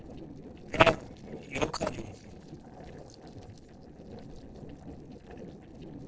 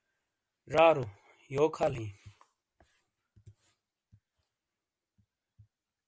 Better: second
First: noise reduction (neural separator model SepFormer DNS4)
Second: none

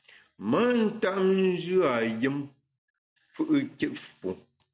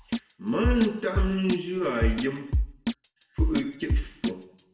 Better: first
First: none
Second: background sound (Drum kit); 1 dB above the speech // room echo; dies away in 0.8 s

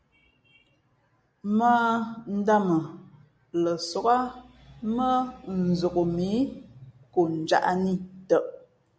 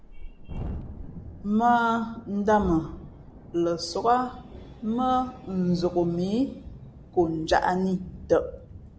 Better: first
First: none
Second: background sound (Thunderstorm); 14 dB below the speech

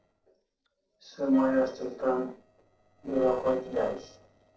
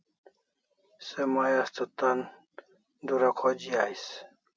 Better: second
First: noise reduction (neural separator model SepFormer DNS4)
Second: none

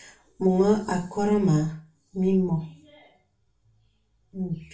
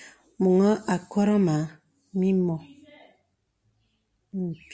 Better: second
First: room echo; dies away in 0.3 s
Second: none

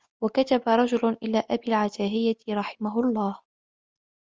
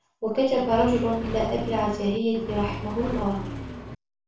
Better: first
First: none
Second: background sound (Accelerating, revving, vroom); 7 dB below the speech // room echo; dies away in 0.4 s

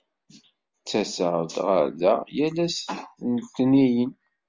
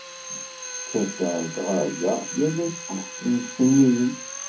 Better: first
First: none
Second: background sound (Drill); 11 dB below the speech // room echo; dies away in 0.3 s

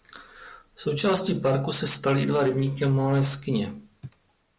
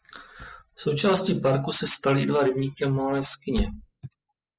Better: first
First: none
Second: noise reduction (classical method spectral subtraction)

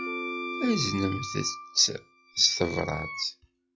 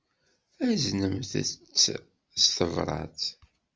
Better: second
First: noise reduction (classical method log-MMSE)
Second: none

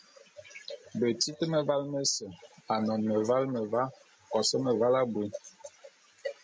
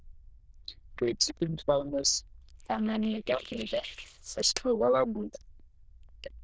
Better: first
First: none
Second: noise reduction (neural diffusion model UNIVERSE++)

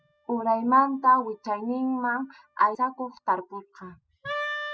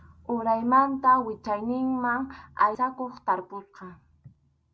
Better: second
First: noise reduction (classical method spectral subtraction)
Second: none

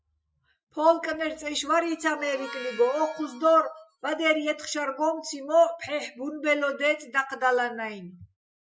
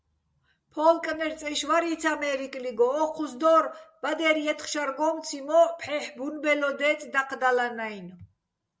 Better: second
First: noise reduction (classical method Wiener filter)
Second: none

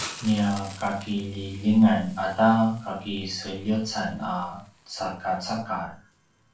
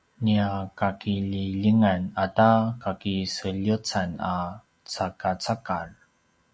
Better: second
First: background sound (Hiss); 20 dB below the speech // room echo; dies away in 0.3 s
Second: none

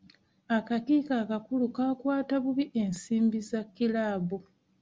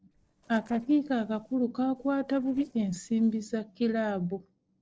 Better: first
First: none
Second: noise reduction (neural separator model SepFormer DNS4)

